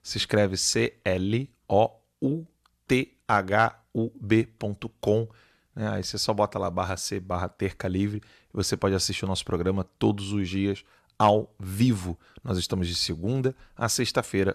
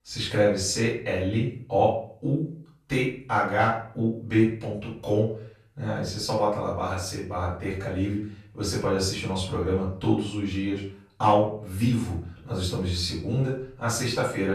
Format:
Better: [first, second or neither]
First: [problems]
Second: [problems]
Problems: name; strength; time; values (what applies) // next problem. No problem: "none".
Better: first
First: none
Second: off-mic speech; far // room echo; noticeable; dies away in 0.4 s